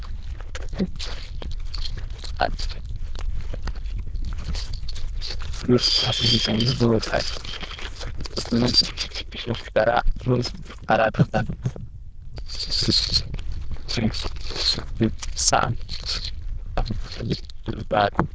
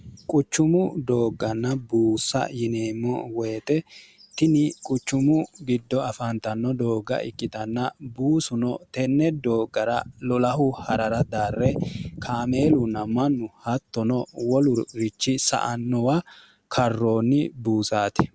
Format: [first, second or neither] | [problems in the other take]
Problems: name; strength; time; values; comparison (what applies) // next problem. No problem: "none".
second | noise reduction (neural diffusion model UNIVERSE++)